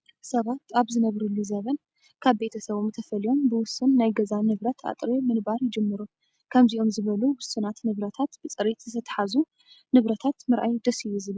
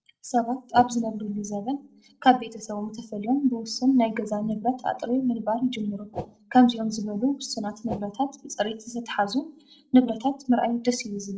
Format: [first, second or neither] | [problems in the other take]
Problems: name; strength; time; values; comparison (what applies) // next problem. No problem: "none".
first | noise reduction (neural separator model SepFormer DNS4)